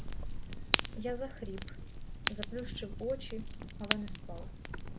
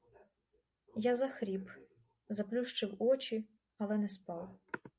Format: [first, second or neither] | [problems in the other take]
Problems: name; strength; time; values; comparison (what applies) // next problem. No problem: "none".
second | background sound (Fire); 5 dB above the speech